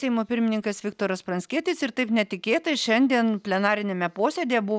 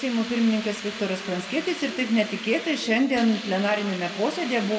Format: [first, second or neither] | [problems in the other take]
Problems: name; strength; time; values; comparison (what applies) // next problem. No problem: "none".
first | background sound (Hiss); 13 dB below the speech // room echo; dies away in 1.6 s